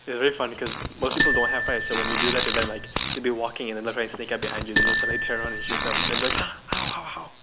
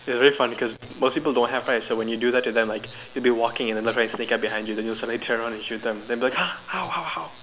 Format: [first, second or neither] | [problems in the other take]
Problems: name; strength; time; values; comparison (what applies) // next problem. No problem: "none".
second | background sound (Fart + Marimba, xylophone); 2 dB above the speech